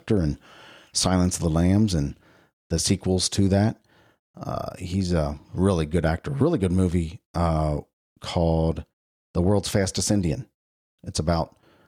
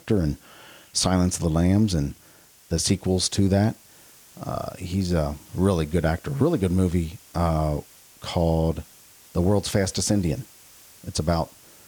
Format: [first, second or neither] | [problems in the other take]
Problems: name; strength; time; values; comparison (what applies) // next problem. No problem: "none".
first | hiss; faint; throughout; 25 dB below the speech